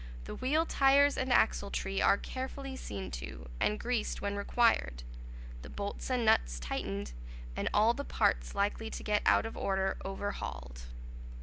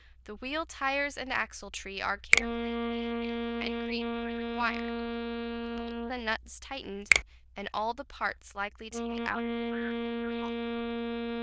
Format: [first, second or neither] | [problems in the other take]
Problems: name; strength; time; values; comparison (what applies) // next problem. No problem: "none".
first | noise reduction (neural diffusion model UNIVERSE++)